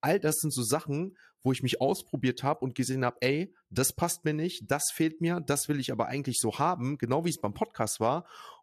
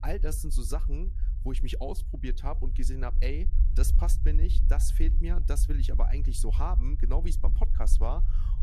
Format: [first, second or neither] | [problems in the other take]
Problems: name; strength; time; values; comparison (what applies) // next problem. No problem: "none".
first | low rumble; noticeable; throughout; 10 dB below the speech